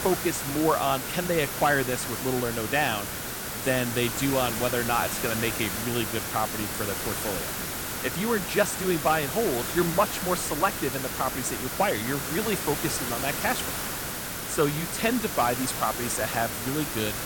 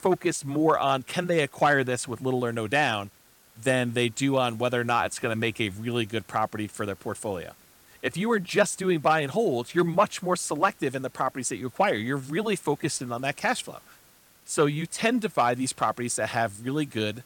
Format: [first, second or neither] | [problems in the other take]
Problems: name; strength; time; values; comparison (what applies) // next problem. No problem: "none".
second | hiss; loud; throughout; 3 dB below the speech; faint in the second